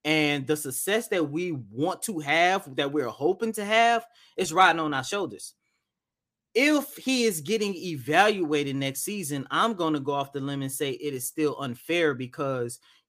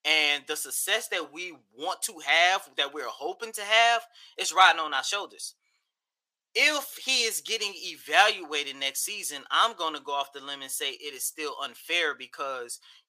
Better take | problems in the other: first | thin; very; fading below 800 Hz

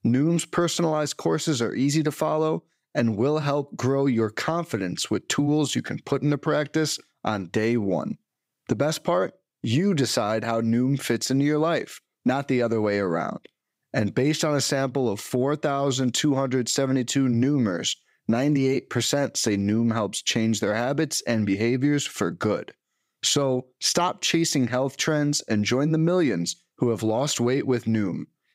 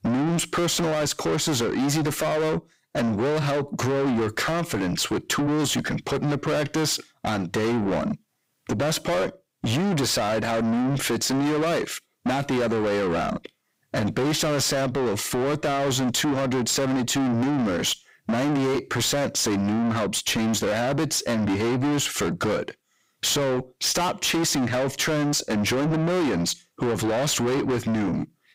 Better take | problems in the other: first | distortion; heavy; 6 dB below the speech

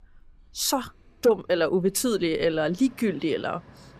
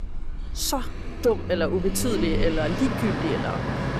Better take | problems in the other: first | traffic noise; loud; throughout; 4 dB below the speech; faint in the first

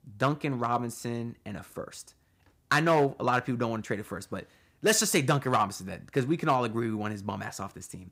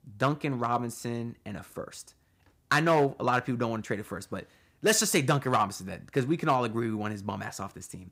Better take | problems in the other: neither | none

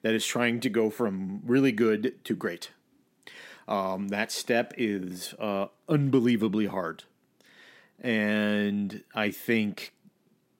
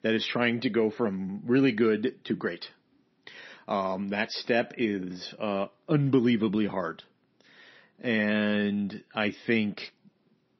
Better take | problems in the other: first | garbled, watery; slightly; nothing above 6 kHz

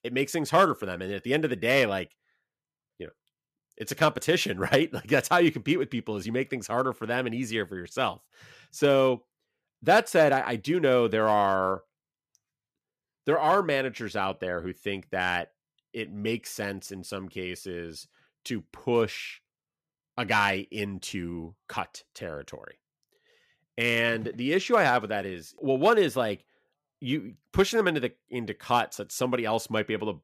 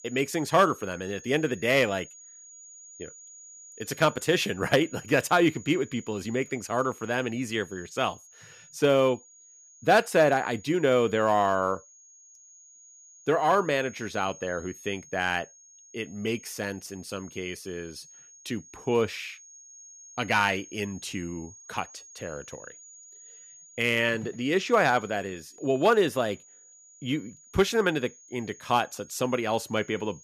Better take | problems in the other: first | high-pitched whine; faint; throughout; 7 kHz, 20 dB below the speech

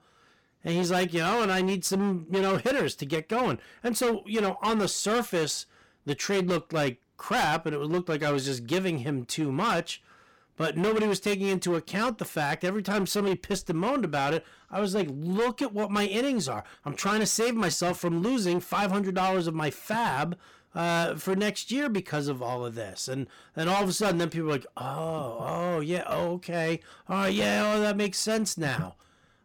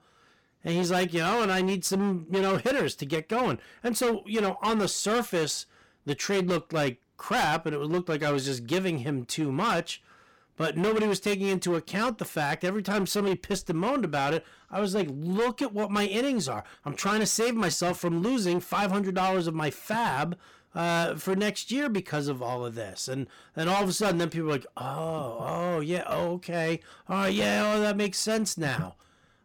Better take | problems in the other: neither | distortion; heavy; 14% of the sound clipped; the same in both

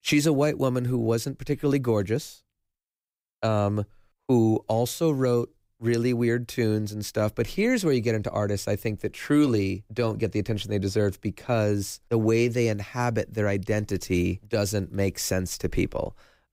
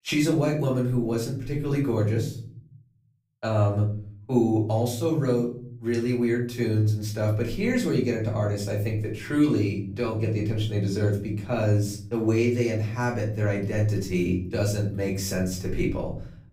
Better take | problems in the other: first | off-mic speech; far // room echo; slight; dies away in 0.7 s

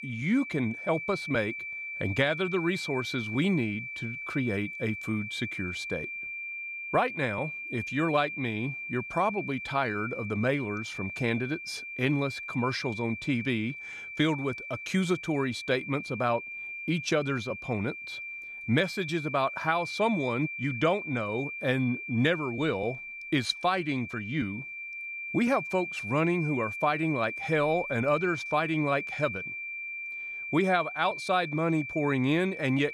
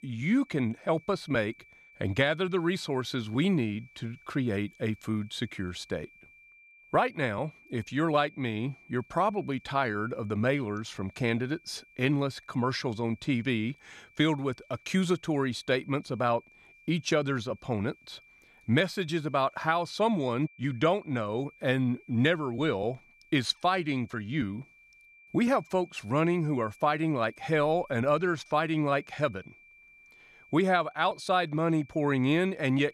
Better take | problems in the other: second | high-pitched whine; loud; throughout; 2.5 kHz, 7 dB below the speech; faint in the second

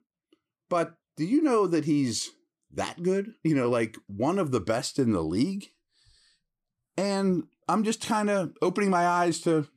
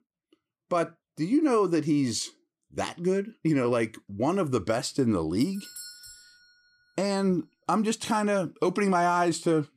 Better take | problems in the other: first | doorbell; faint; from 5.5 to 6.5 s; peak 15 dB below the speech

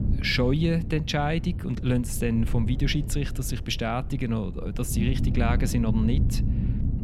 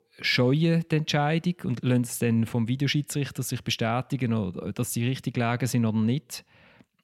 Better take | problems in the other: second | low rumble; noticeable; throughout; 10 dB below the speech

